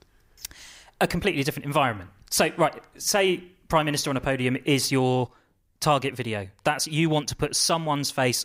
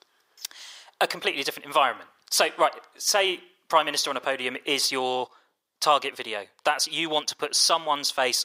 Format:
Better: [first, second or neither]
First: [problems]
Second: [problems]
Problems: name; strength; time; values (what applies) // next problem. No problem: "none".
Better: first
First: none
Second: thin; very; fading below 550 Hz